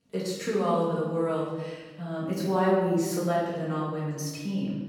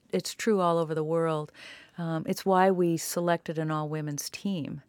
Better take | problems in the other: second | off-mic speech; far // room echo; noticeable; dies away in 1.3 s

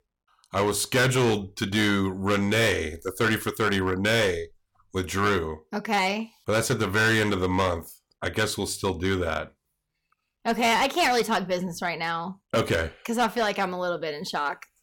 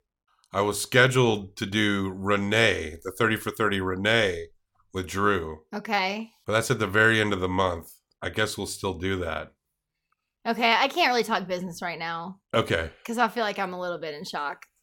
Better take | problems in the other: second | distortion; heavy; 7% of the sound clipped

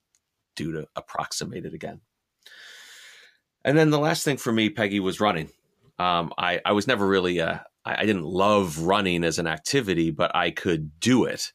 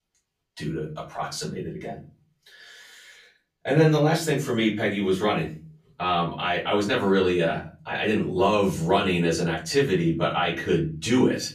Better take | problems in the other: first | off-mic speech; far // room echo; slight; dies away in 0.4 s

